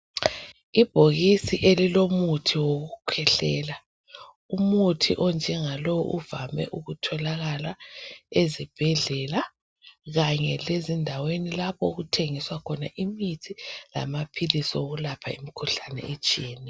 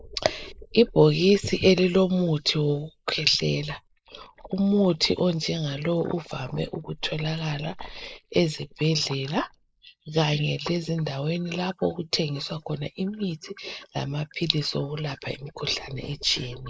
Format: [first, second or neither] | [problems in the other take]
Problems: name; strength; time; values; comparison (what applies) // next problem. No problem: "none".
first | noise reduction (neural mask model Resemble Enhance denoiser)